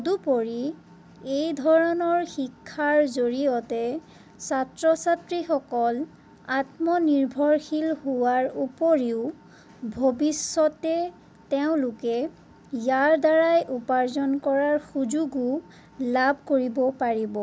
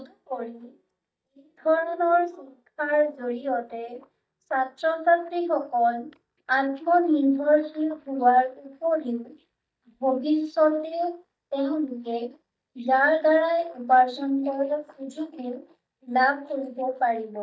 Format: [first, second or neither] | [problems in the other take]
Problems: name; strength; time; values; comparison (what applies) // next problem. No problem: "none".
first | noise reduction (neural mask model DeepFilterNet 3)